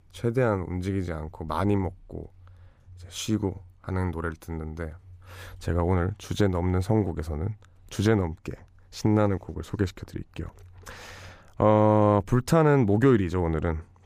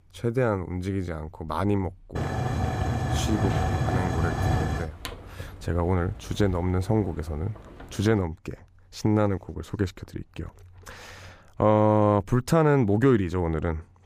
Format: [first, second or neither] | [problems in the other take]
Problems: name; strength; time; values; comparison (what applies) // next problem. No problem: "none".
first | hiss; loud; from 2 to 8 s; 2 dB below the speech